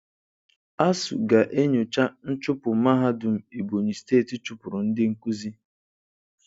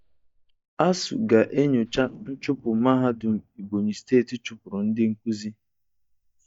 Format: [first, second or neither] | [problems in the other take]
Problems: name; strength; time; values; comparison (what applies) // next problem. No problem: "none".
first | noise reduction (neural mask model DeepFilterNet 3)